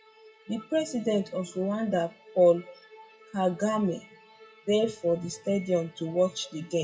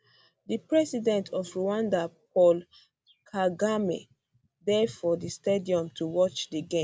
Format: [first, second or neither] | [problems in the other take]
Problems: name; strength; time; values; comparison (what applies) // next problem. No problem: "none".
second | noise reduction (classical method WPE with log-MMSE)